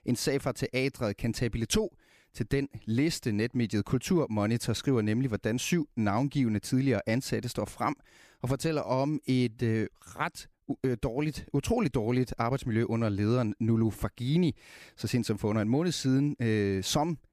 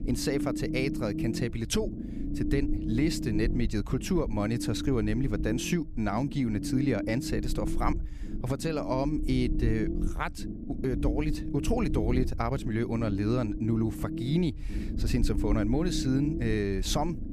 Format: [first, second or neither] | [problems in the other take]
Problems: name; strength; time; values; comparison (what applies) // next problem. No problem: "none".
first | low rumble; loud; throughout; 6 dB below the speech